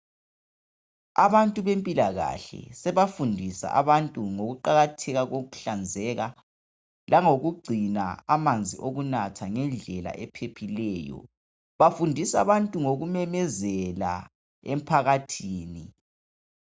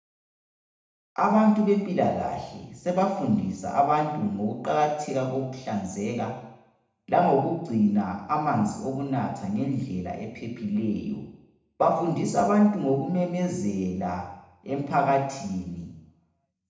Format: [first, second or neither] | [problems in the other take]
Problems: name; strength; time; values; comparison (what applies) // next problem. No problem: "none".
first | room echo; dies away in 0.8 s